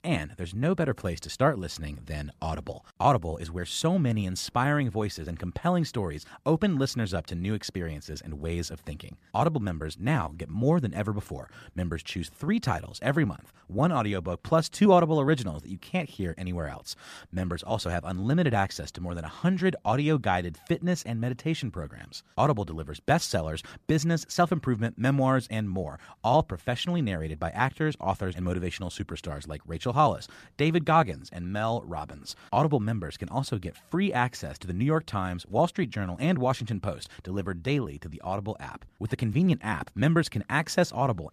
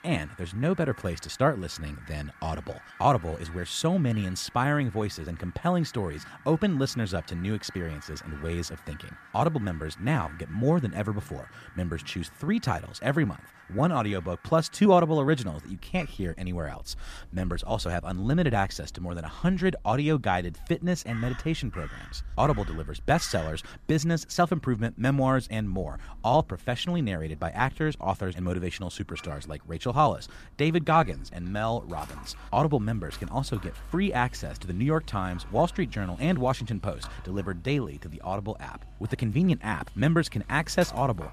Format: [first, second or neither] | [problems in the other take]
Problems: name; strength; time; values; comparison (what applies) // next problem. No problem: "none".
first | animal sounds; noticeable; throughout; 20 dB below the speech